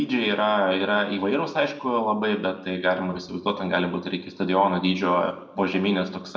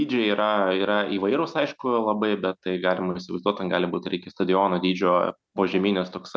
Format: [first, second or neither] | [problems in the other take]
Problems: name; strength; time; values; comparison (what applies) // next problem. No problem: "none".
second | room echo; dies away in 0.8 s